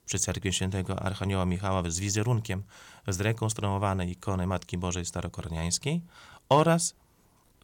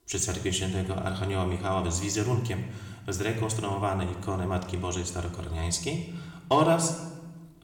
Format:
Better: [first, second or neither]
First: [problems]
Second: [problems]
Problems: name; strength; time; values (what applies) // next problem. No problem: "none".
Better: first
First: none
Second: room echo; slight; dies away in 0.9 s // off-mic speech; far